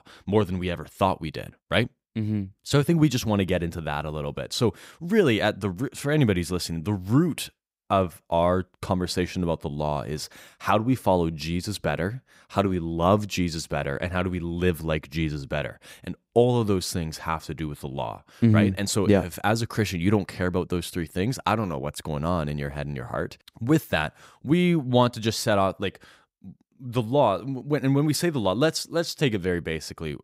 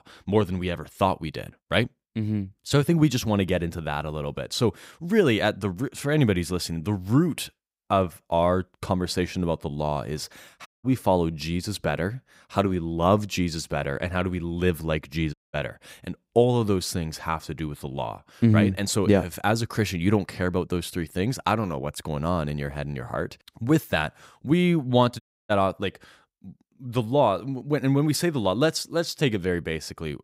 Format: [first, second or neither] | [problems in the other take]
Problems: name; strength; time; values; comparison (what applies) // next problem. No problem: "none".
first | audio cutting out; at 11 s, at 15 s and at 25 s